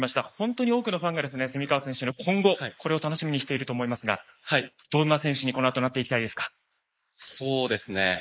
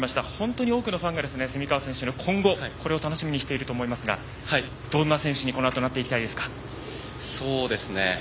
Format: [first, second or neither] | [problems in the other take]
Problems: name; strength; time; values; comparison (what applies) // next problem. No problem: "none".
second | noise reduction (neural mask model Resemble Enhance denoiser)